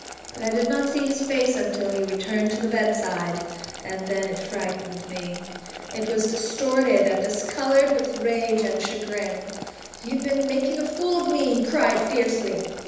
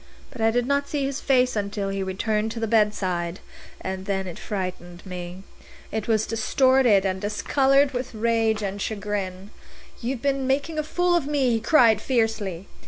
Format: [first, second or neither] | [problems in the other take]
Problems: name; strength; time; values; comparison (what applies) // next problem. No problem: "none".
second | background sound (Boiling); 14 dB below the speech // room echo; dies away in 1.1 s